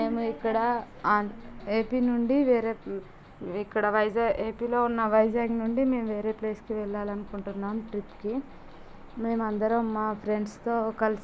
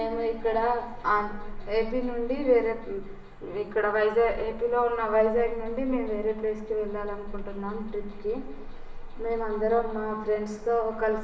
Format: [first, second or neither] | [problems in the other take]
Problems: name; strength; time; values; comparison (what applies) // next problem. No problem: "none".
first | room echo; dies away in 0.8 s